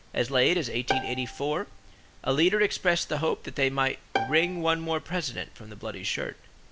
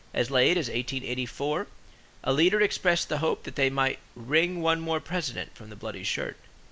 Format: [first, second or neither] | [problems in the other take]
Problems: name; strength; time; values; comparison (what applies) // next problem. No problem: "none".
second | background sound (Bowed string instrument); 8 dB below the speech